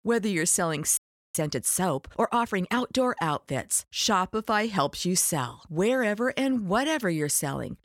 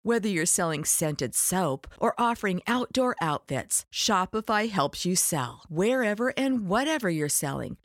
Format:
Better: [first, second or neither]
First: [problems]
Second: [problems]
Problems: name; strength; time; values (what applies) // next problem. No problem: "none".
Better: second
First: audio freezing; at 1 s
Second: none